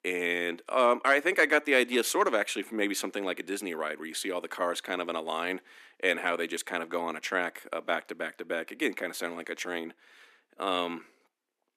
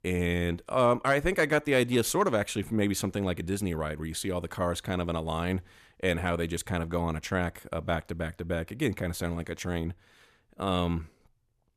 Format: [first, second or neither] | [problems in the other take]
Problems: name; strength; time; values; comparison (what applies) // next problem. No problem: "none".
second | thin; somewhat; fading below 250 Hz